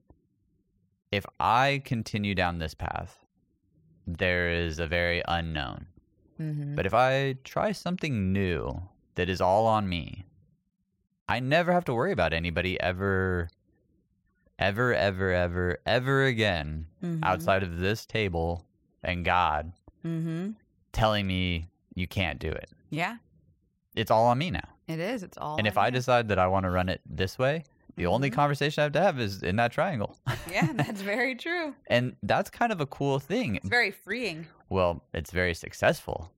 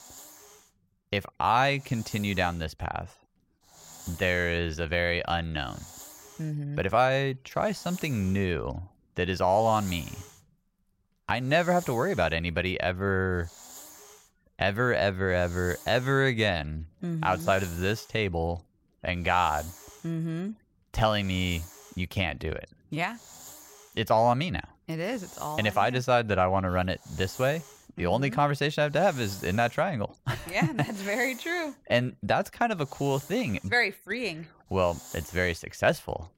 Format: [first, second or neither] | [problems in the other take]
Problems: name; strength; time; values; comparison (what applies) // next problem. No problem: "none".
first | hiss; noticeable; throughout; 20 dB below the speech